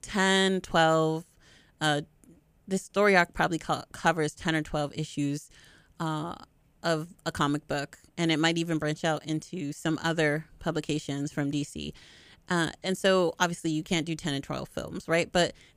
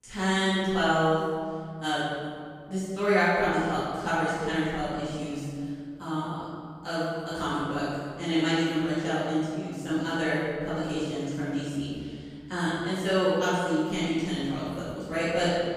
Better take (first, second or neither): first